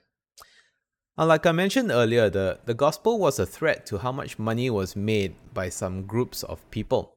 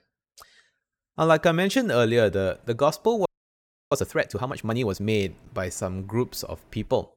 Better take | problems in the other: first | audio freezing; at 3.5 s for 0.5 s

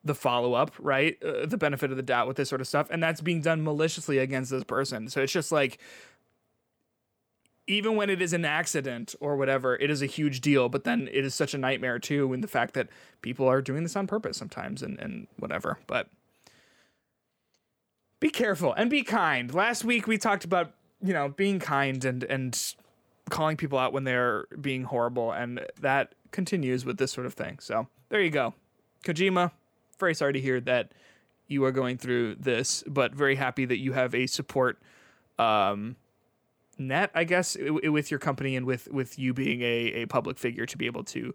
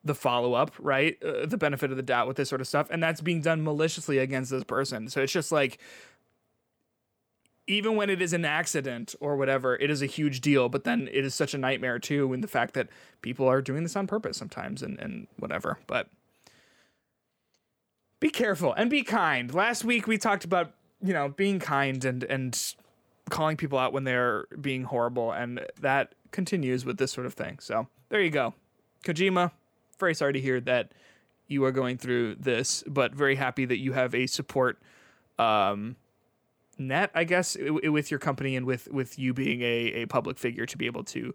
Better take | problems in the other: neither | none

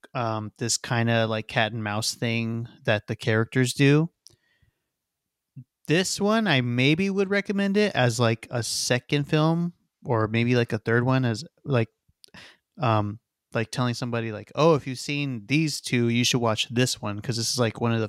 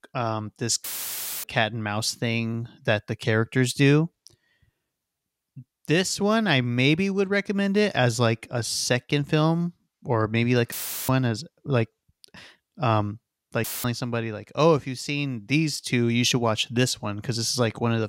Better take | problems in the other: first | audio cutting out; filled with static; at 1 s for 0.5 s, at 11 s and at 14 s

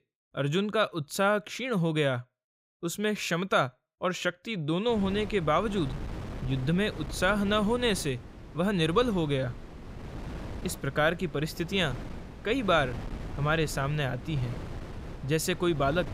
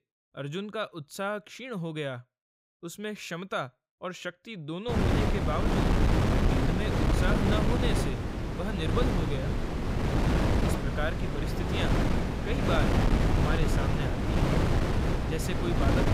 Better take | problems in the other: first | wind noise on the microphone; heavy; from 5 s on; 3 dB above the speech; occasional gusts in the first

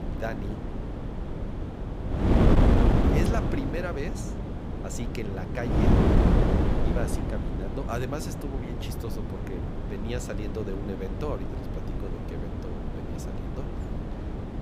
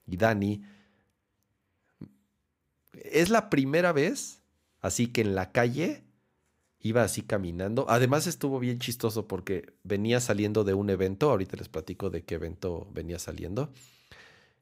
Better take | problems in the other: second | wind noise on the microphone; heavy; 3 dB above the speech

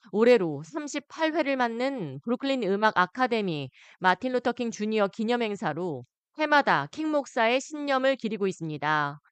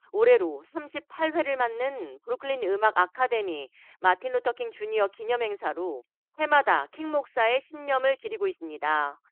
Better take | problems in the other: first | phone-call audio

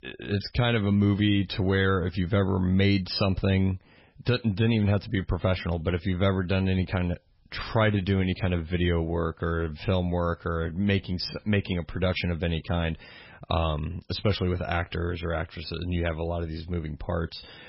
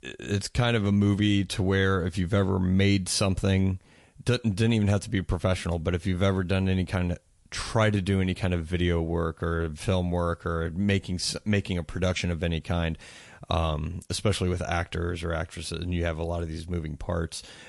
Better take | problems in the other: second | garbled, watery; badly; nothing above 5.5 kHz; slightly in the second

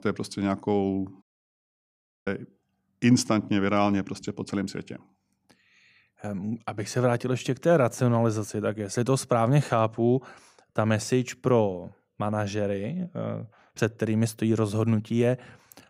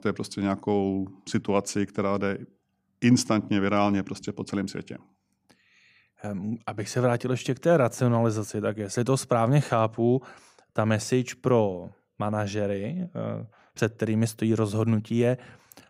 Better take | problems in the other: second | audio cutting out; at 1 s for 1 s

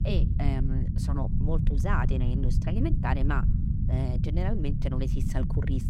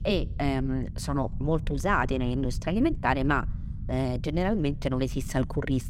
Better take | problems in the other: second | low rumble; loud; throughout; 5 dB below the speech; faint in the second

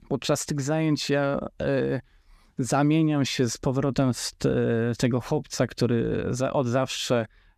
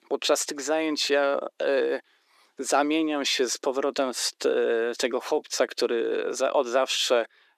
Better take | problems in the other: first | thin; somewhat; fading below 350 Hz

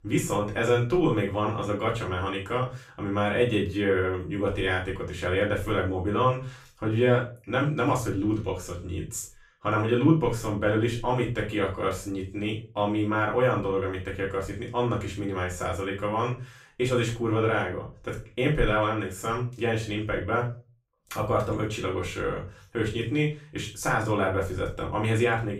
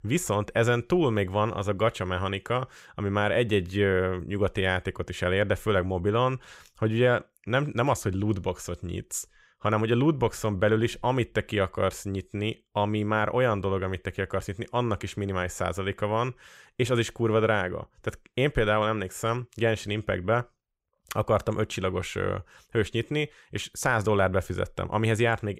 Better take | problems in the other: second | off-mic speech; far // room echo; slight; dies away in 0.3 s

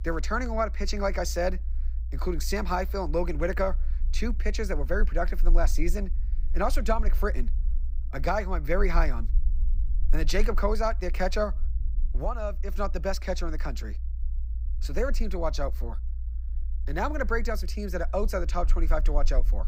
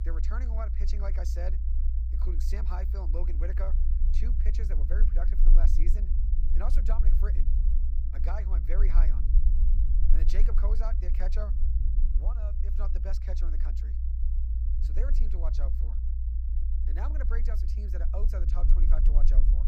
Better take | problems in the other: first | low rumble; loud; throughout; 6 dB below the speech; faint in the first

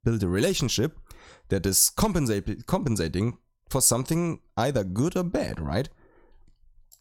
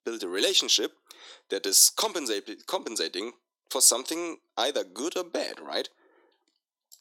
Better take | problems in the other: first | thin; somewhat; fading below 300 Hz

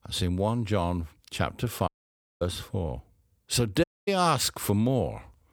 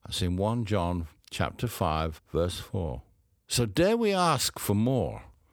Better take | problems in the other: second | audio cutting out; at 2 s for 0.5 s and at 4 s

